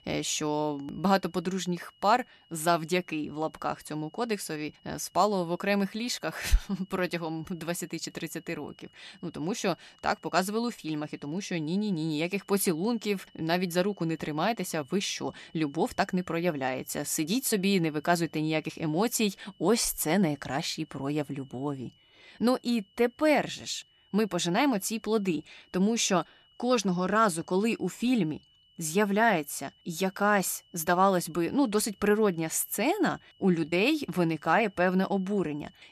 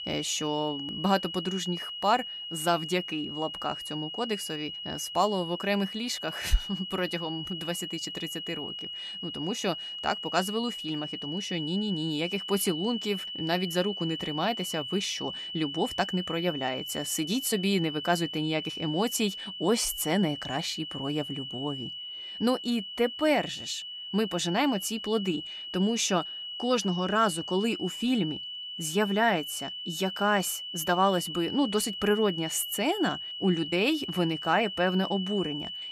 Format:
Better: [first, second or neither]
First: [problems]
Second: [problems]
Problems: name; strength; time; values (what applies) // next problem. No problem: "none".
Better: first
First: high-pitched whine; faint; throughout; 3 kHz, 30 dB below the speech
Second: high-pitched whine; loud; throughout; 3 kHz, 6 dB below the speech